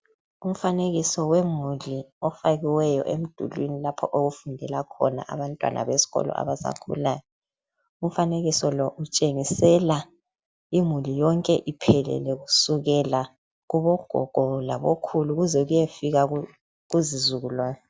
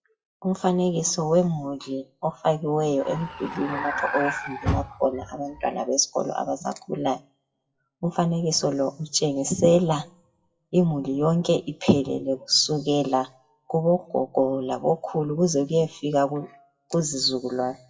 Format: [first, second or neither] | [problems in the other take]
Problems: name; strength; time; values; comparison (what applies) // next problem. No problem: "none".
first | noise reduction (classical method WPE with log-MMSE)